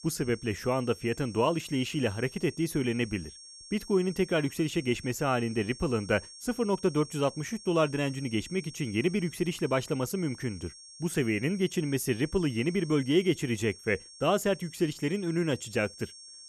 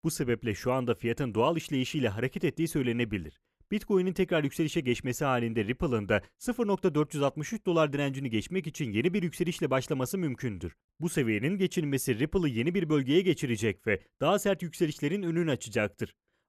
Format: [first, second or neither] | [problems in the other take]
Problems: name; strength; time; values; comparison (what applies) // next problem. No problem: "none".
second | high-pitched whine; noticeable; throughout; 5.5 kHz, 15 dB below the speech